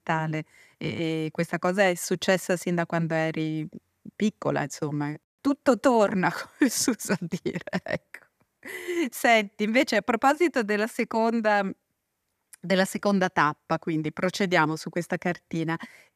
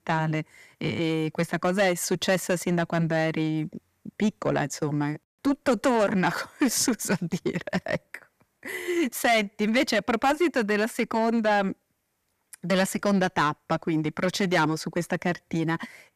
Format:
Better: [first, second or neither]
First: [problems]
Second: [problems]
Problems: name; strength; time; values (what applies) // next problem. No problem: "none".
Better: first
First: none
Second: distortion; slight; 10 dB below the speech